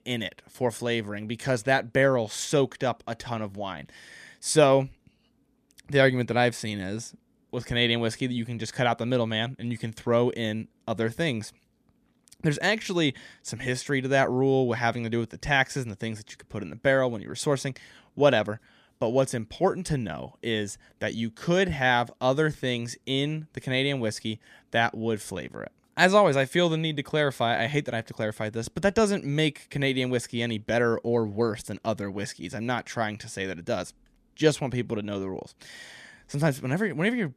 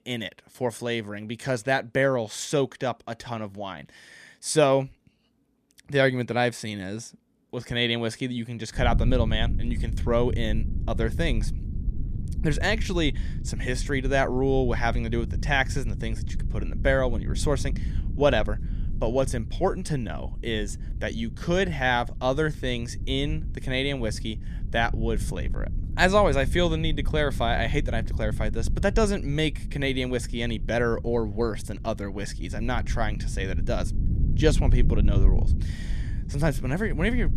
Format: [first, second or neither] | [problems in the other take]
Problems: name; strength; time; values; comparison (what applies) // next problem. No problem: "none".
first | low rumble; noticeable; from 9 s on; 20 dB below the speech